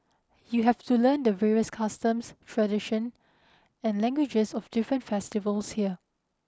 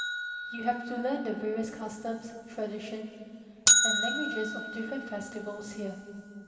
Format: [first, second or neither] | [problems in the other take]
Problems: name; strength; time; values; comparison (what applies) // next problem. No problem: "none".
first | background sound (Bell); 3 dB above the speech // room echo; dies away in 2.5 s